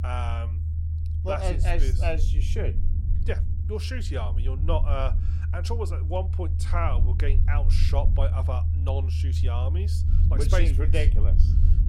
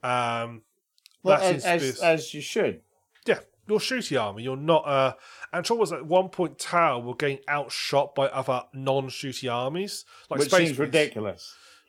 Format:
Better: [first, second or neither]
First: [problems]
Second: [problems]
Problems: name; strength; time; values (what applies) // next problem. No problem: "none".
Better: second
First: low rumble; loud; throughout; 9 dB below the speech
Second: none